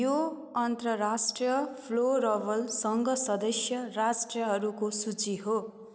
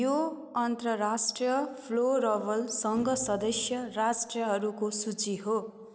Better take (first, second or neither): first